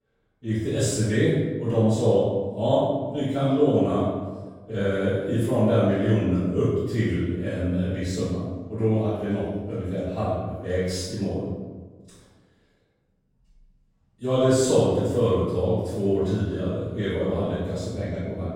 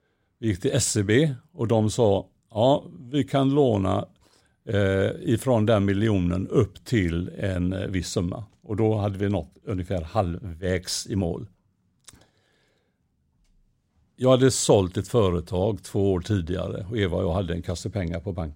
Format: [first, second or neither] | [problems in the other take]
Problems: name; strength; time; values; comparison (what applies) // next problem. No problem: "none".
second | off-mic speech; far // room echo; strong; dies away in 1.2 s